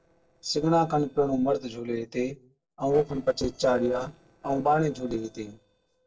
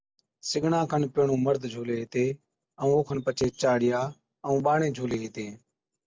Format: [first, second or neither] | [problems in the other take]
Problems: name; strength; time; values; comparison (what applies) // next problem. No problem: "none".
second | noise reduction (neural separator model SepFormer DNS4)